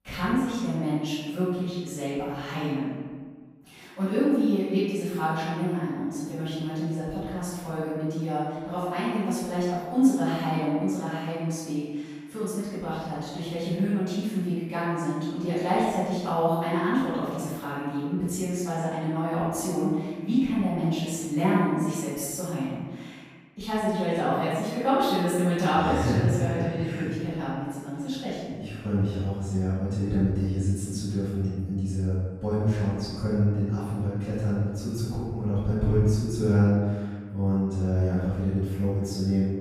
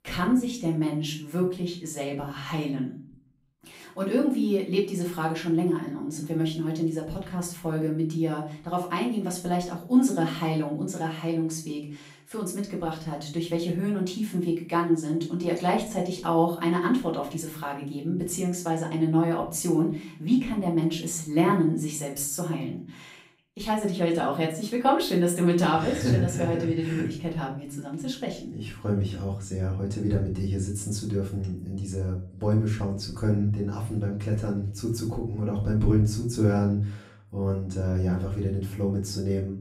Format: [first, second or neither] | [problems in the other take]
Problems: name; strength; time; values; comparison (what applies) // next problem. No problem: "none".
second | room echo; strong; dies away in 1.4 s; slight in the second // off-mic speech; far; far in the second